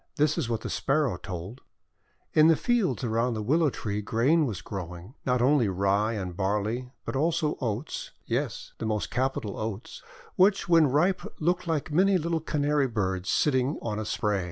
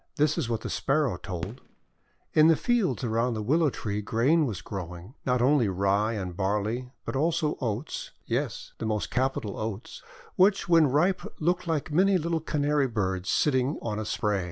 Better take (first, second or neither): first